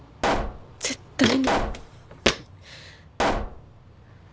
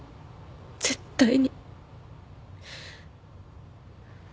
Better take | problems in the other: second | background sound (Walk, footsteps + Explosion); 5 dB above the speech

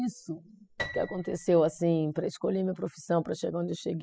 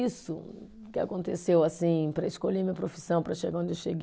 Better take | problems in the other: second | noise reduction (classical method spectral subtraction)

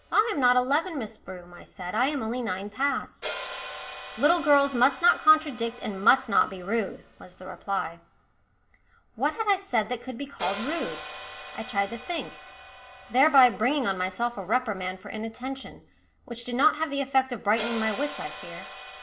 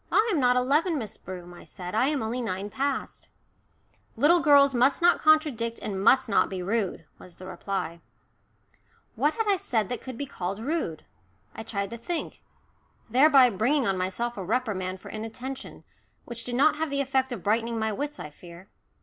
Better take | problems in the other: second | background sound (Hi-hat); 15 dB below the speech // room echo; dies away in 0.4 s

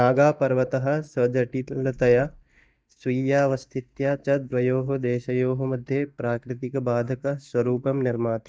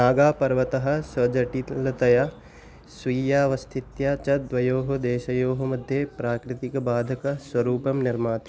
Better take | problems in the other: second | noise reduction (neural mask model DeepFilterNet 3)

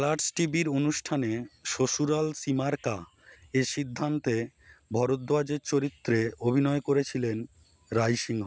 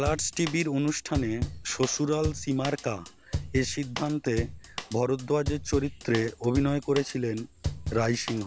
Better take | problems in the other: first | background sound (Drum / Drum kit); 8 dB below the speech

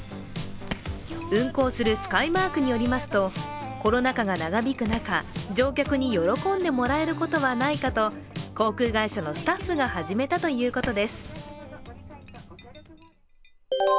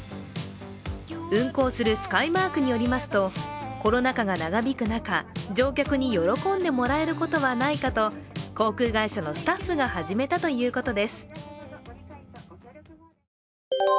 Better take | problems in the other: second | background sound (Fire + Chink, clink); 17 dB below the speech

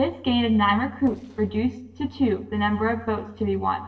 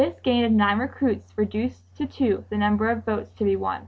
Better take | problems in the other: second | noise reduction (neural separator model SepFormer DNS4)

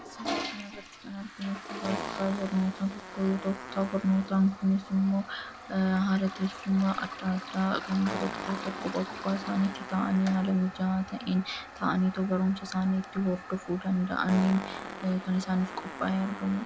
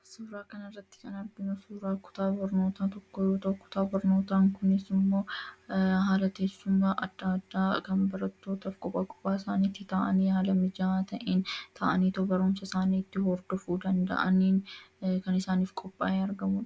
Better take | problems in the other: second | background sound (Fart + Toilet flush); 11 dB below the speech

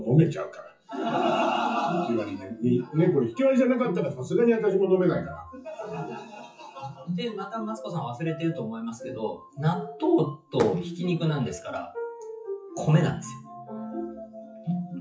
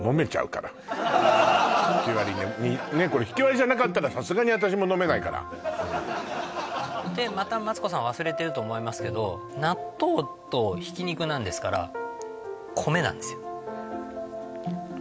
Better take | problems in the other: second | noise reduction (classical method WPE with log-MMSE)

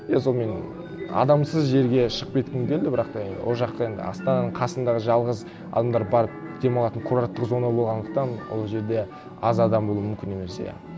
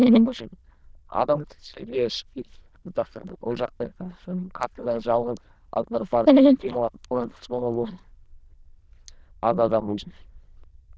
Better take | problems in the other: first | noise reduction (neural diffusion model UNIVERSE++)

